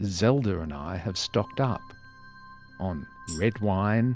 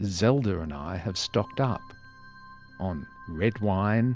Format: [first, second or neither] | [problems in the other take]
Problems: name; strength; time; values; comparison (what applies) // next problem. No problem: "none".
second | background sound (Tambourine); 14 dB below the speech